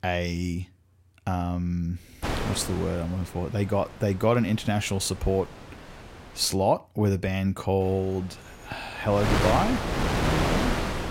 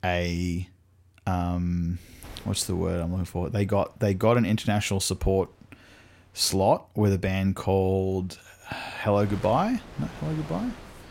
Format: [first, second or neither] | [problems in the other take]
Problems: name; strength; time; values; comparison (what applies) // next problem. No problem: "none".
second | wind noise on the microphone; heavy; from 2 to 6.5 s and from 8 s on; as loud as the speech; occasional gusts in the second